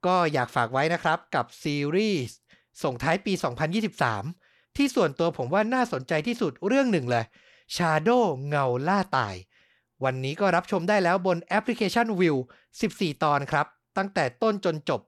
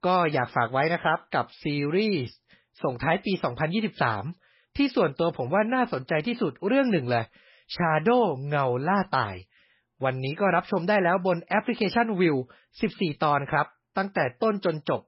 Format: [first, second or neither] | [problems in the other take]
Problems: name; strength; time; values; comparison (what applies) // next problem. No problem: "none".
first | garbled, watery; badly; nothing above 5.5 kHz